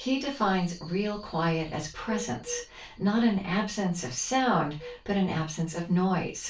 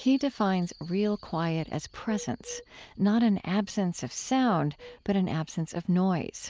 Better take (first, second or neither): second